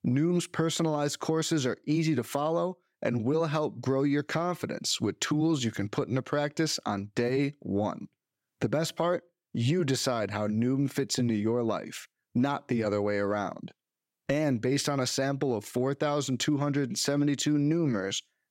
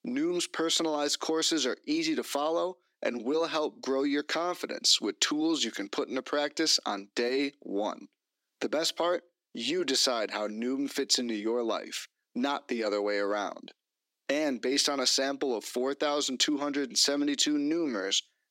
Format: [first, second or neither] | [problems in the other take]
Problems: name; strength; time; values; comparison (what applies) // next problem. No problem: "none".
first | thin; very slightly; fading below 250 Hz